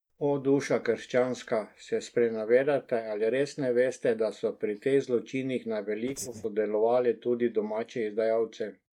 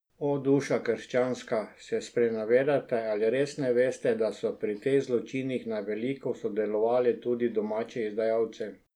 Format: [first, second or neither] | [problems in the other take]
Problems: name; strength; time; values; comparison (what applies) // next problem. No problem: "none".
second | noise reduction (neural mask model DeepFilterNet 3)